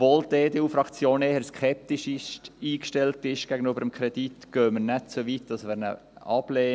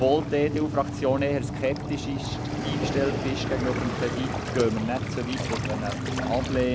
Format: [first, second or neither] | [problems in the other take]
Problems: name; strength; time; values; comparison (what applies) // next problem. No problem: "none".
first | background sound (Waves, surf); 2 dB below the speech